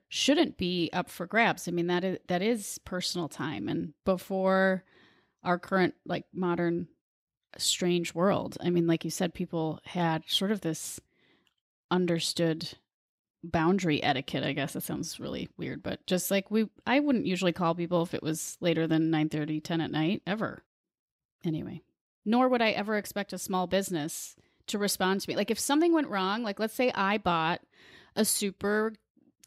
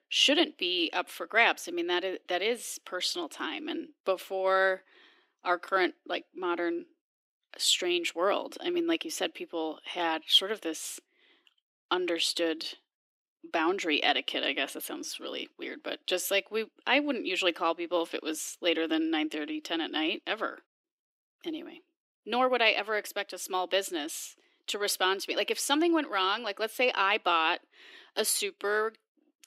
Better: first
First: none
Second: thin; somewhat; fading below 300 Hz

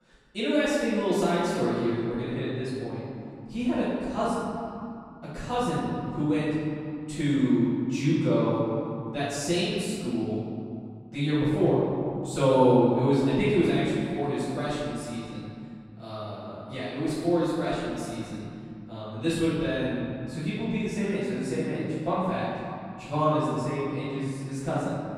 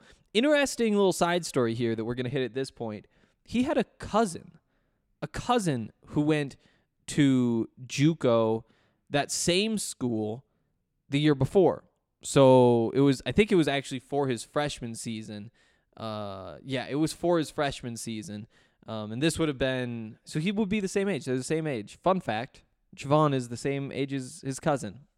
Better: second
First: room echo; strong; dies away in 2.6 s // off-mic speech; far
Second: none

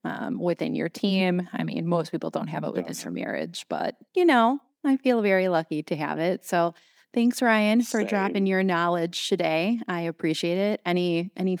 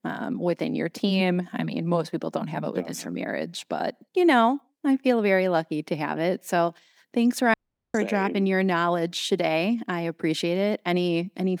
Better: first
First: none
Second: audio cutting out; at 7.5 s

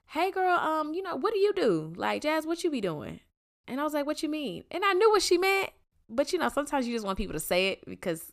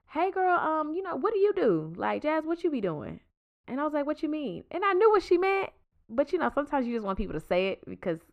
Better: first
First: none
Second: muffled; very; fading above 4 kHz

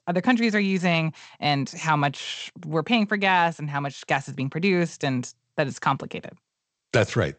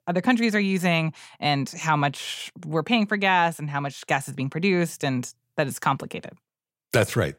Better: second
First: garbled, watery; slightly; nothing above 8 kHz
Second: none

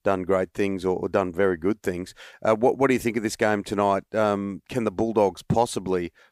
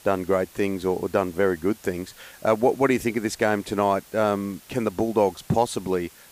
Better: first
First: none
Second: hiss; faint; throughout; 25 dB below the speech

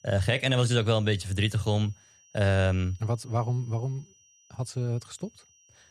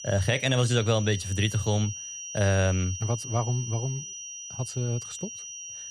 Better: first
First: high-pitched whine; faint; throughout; 6 kHz, 30 dB below the speech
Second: high-pitched whine; loud; throughout; 6 kHz, 9 dB below the speech

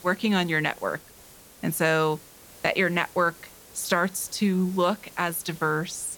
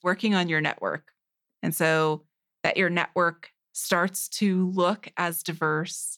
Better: second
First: hiss; faint; throughout; 20 dB below the speech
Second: none

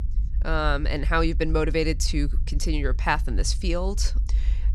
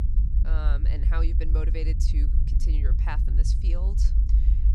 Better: first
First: low rumble; faint; throughout; 25 dB below the speech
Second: low rumble; loud; throughout; 5 dB below the speech

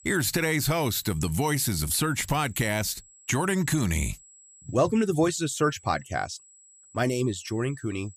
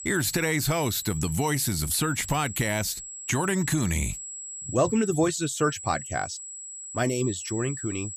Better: first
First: high-pitched whine; faint; throughout; 7.5 kHz, 25 dB below the speech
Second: high-pitched whine; loud; throughout; 7.5 kHz, 9 dB below the speech

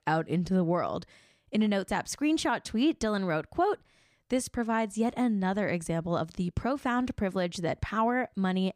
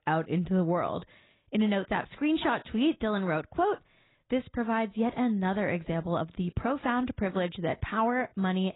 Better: first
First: none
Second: garbled, watery; badly; nothing above 4 kHz

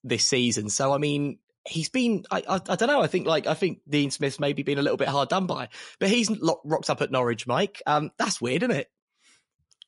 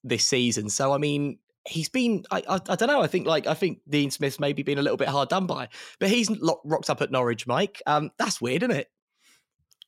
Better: second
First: garbled, watery; slightly; nothing above 11 kHz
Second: none

